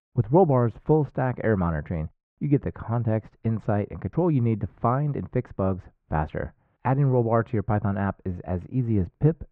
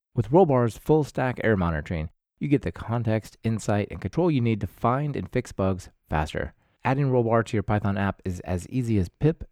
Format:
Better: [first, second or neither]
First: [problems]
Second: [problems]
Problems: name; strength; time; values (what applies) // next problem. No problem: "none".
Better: second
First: muffled; very; fading above 1.5 kHz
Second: none